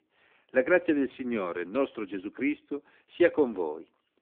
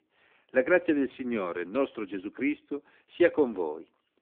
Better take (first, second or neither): neither